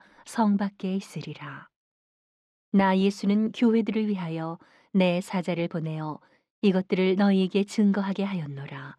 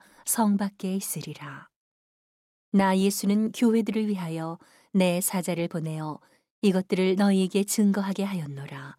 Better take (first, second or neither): second